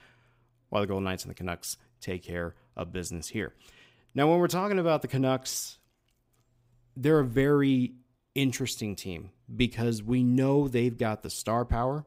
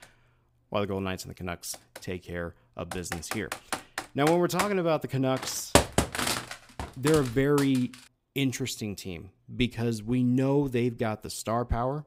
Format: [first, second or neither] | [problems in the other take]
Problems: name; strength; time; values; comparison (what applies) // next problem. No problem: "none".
first | keyboard typing; loud; from 3 to 7.5 s; peak 6 dB above the speech